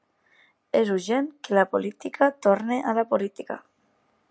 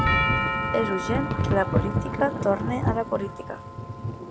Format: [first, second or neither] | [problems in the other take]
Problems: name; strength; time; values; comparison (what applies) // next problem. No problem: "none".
first | background sound (Thunder / Rain + Doorbell); 3 dB above the speech